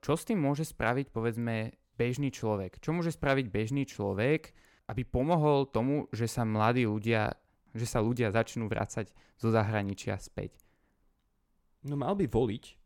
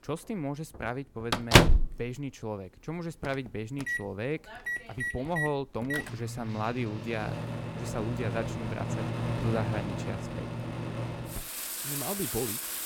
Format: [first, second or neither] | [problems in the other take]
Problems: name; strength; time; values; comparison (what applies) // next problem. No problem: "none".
first | household noises; very loud; throughout; 5 dB above the speech